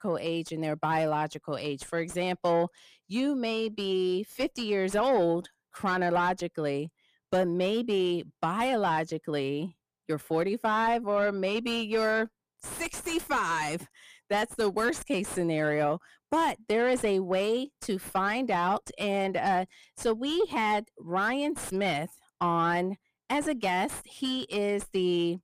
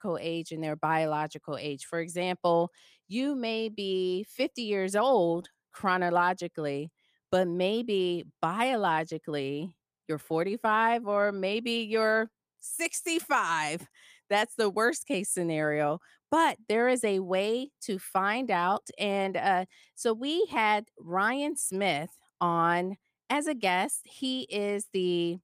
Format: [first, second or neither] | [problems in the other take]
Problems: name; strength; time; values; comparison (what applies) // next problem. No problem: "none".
second | distortion; slight; 10 dB below the speech